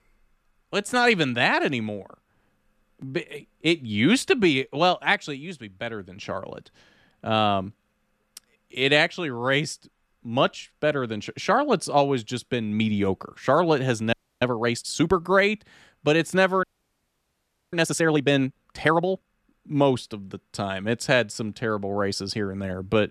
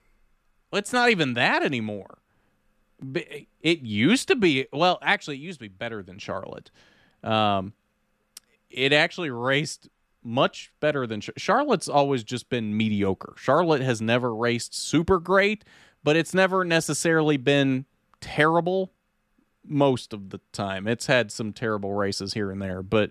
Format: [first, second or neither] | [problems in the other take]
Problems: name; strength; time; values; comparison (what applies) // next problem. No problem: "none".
second | audio freezing; at 14 s and at 17 s for 1 s